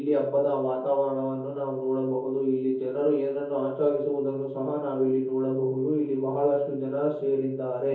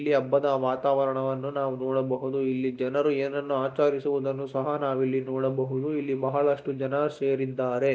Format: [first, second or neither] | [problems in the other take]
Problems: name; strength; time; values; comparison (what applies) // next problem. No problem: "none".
second | room echo; dies away in 0.6 s